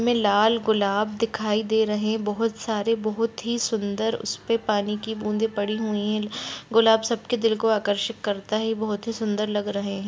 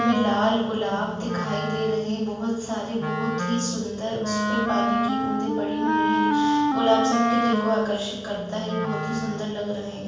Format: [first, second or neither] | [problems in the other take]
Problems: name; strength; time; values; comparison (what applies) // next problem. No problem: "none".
first | background sound (Wind instrument, woodwind instrument); as loud as the speech // room echo; dies away in 1.2 s